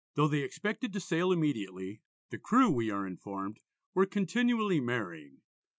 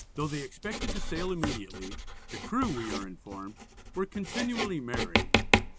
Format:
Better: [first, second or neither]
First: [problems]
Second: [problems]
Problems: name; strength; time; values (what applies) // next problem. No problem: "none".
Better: first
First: none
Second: background sound (Writing); 3 dB above the speech